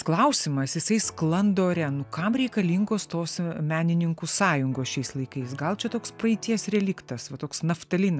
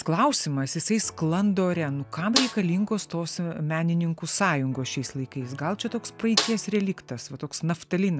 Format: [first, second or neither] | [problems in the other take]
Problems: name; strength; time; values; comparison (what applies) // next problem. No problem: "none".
first | background sound (Snare drum); 6 dB below the speech